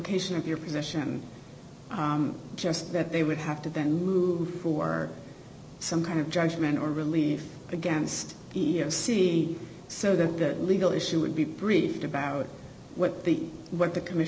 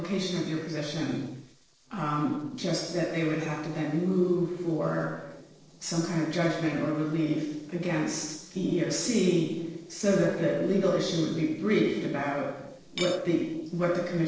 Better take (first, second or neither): first